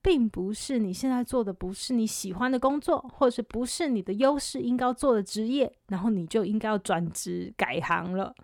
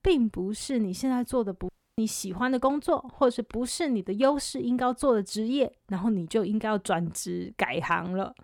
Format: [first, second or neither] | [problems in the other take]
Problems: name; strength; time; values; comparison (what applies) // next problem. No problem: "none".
first | audio cutting out; at 1.5 s